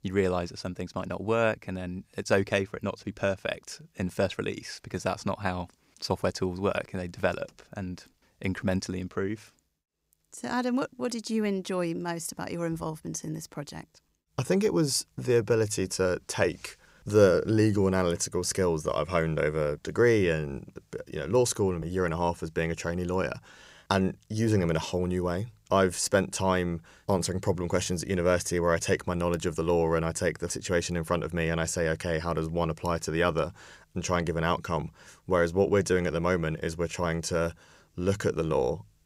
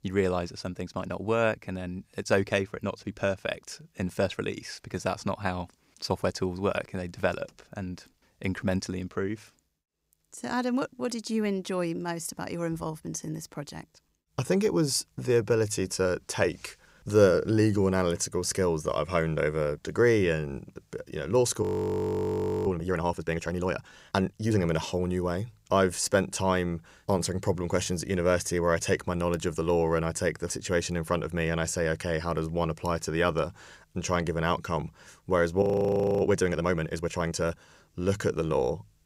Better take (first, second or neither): first